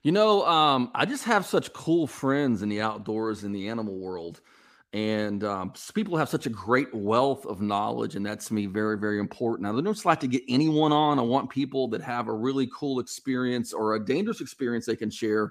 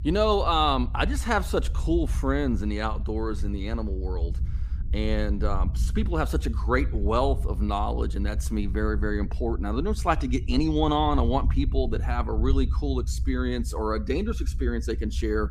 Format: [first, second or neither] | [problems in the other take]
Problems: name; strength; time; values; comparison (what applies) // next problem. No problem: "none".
first | low rumble; faint; throughout; 20 dB below the speech